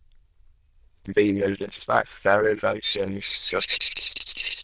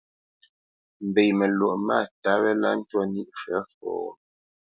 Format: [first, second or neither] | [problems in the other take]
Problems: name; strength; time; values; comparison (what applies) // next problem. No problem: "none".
second | noise reduction (neural diffusion model UNIVERSE++)